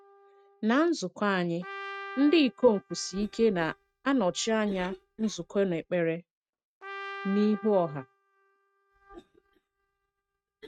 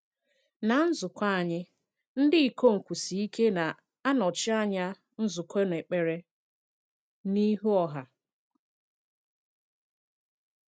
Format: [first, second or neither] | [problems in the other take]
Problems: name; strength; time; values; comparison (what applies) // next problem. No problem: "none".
second | noise reduction (neural mask model RNNoise)